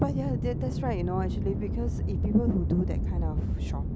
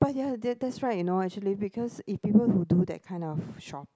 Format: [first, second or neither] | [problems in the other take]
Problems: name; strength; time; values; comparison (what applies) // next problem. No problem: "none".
second | background sound (Aircraft); 2 dB above the speech